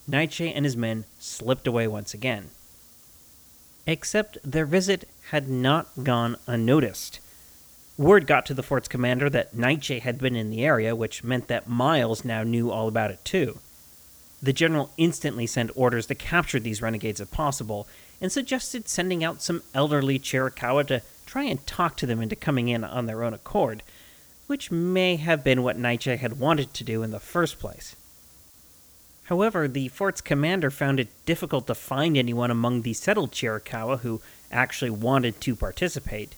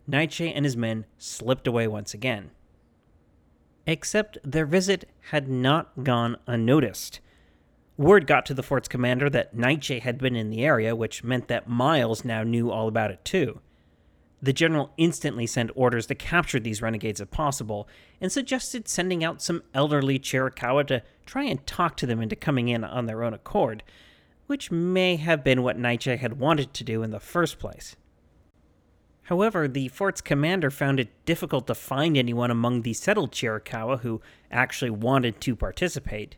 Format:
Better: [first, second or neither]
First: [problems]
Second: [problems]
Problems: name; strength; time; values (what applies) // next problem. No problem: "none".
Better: second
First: hiss; faint; throughout; 25 dB below the speech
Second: none